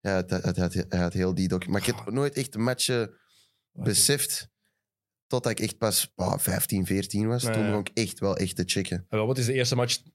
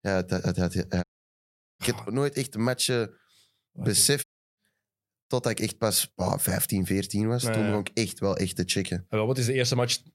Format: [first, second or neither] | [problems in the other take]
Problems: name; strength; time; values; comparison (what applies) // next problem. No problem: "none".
first | audio cutting out; at 1 s for 1 s and at 4 s